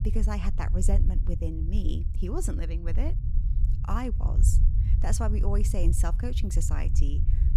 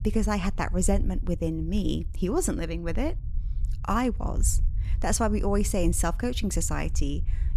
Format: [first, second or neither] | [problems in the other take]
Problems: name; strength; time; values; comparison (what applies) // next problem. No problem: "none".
second | low rumble; loud; throughout; 8 dB below the speech; faint in the second